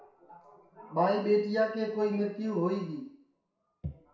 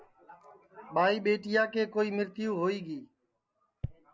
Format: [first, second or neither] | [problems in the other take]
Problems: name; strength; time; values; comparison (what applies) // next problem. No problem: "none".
second | room echo; dies away in 0.6 s